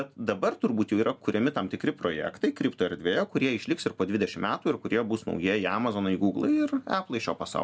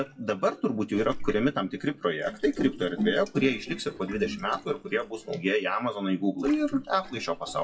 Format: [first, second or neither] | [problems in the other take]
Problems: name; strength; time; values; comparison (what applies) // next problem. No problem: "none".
first | noise reduction (classical method WPE with log-MMSE)